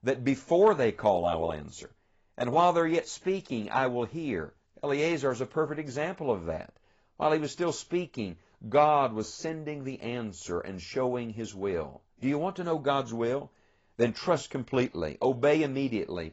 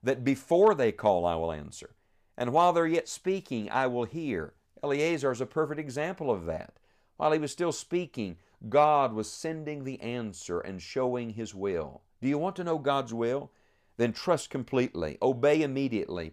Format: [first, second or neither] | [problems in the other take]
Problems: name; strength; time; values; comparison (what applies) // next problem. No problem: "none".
second | garbled, watery; badly; nothing above 7.5 kHz